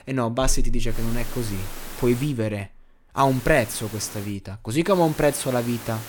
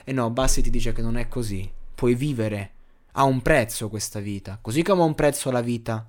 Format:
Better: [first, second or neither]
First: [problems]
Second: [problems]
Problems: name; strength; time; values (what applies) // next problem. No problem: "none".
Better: second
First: hiss; noticeable; from 1 to 2.5 s, from 3 to 4.5 s and from 5 s on; 15 dB below the speech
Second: none